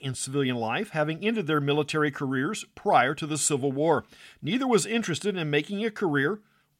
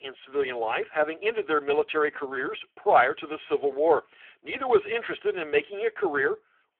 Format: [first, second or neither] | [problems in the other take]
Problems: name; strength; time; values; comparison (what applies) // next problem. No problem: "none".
first | phone-call audio; poor line